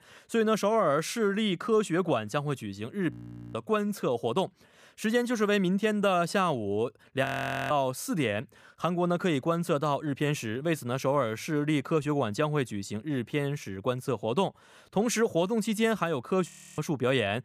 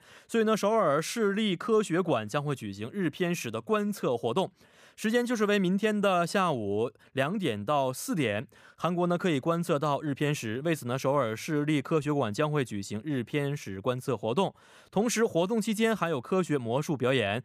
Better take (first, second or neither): second